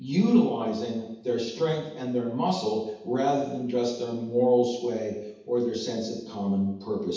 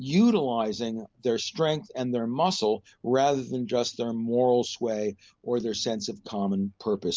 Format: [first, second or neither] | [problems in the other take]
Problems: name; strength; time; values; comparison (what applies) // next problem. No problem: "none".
second | room echo; dies away in 0.9 s